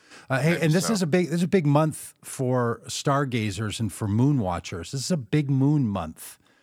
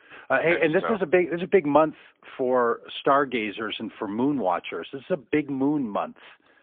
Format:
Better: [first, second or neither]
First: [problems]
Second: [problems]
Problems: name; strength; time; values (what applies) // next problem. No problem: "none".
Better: first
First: none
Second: phone-call audio; poor line; nothing above 3.5 kHz